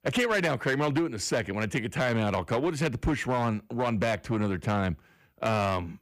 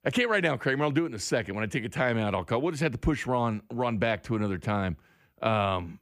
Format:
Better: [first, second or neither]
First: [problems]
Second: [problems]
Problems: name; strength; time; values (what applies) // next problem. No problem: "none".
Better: second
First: distortion; slight; 8% of the sound clipped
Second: none